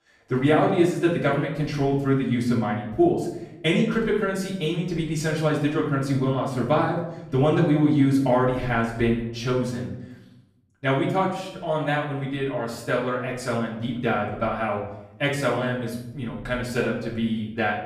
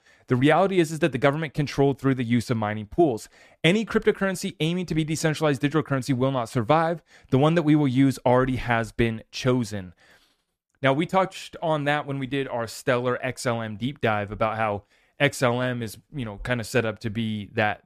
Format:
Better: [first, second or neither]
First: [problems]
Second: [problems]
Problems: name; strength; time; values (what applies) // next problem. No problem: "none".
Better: second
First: off-mic speech; far // room echo; noticeable; dies away in 0.7 s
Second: none